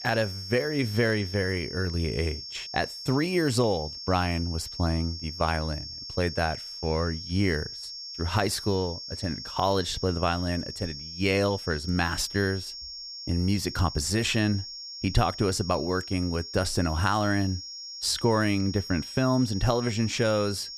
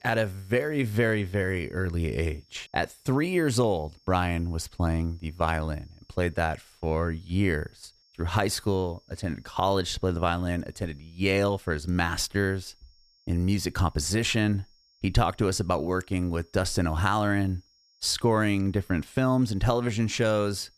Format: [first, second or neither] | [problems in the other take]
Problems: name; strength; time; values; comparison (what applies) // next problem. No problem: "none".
second | high-pitched whine; loud; throughout; 5.5 kHz, 9 dB below the speech; faint in the second